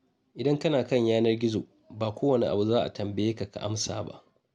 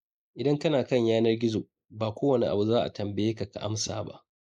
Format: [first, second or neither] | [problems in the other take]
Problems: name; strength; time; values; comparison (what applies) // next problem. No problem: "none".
first | noise reduction (neural mask model Resemble Enhance denoiser)